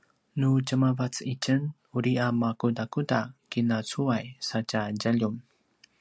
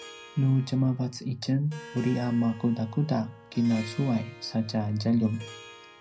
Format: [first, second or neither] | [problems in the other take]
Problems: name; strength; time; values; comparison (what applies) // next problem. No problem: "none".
first | background sound (Harp); 19 dB below the speech // room echo; dies away in 0.4 s